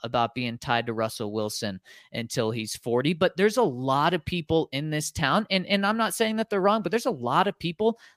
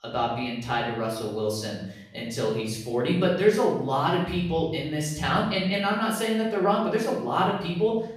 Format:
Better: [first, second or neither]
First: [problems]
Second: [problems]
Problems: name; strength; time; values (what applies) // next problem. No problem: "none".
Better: first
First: none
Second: off-mic speech; far // room echo; noticeable; dies away in 0.7 s